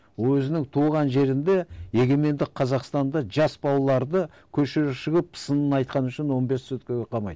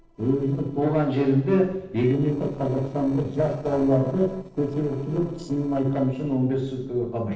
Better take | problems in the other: first | noise reduction (neural separator model SepFormer DNS4)

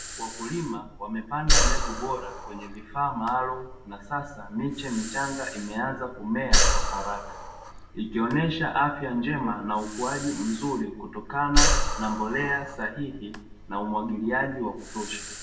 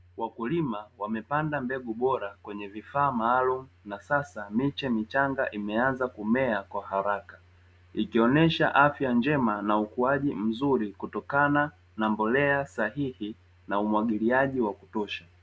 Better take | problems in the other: second | background sound (Breathing); 1 dB above the speech // room echo; dies away in 0.6 s

